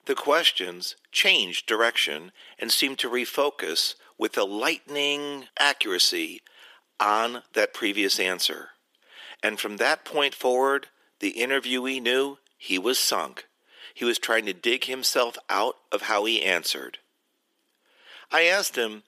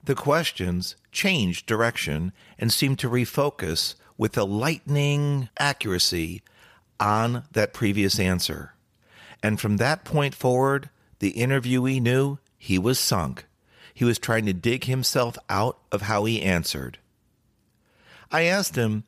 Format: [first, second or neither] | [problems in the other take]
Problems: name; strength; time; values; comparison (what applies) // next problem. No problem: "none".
second | thin; somewhat; fading below 300 Hz